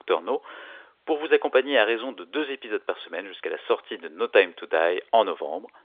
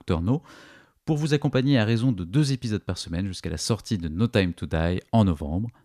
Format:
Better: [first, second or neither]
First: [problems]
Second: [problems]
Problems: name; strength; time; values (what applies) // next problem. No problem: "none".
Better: second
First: phone-call audio; nothing above 3.5 kHz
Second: none